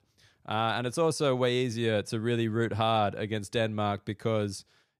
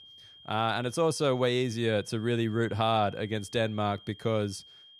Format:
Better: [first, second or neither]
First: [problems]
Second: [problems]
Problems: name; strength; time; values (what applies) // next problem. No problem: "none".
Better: first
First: none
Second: high-pitched whine; faint; throughout; 3 kHz, 20 dB below the speech